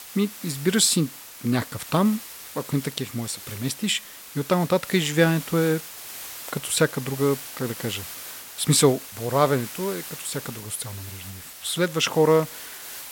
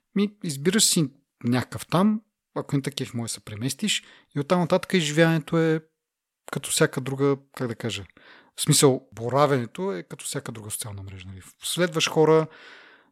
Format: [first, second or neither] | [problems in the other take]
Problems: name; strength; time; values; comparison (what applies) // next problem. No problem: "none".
second | hiss; noticeable; throughout; 10 dB below the speech